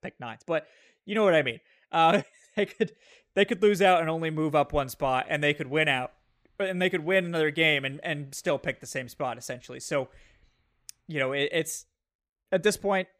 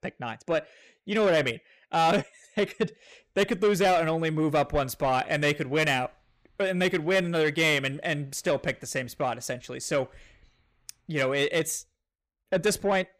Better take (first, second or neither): first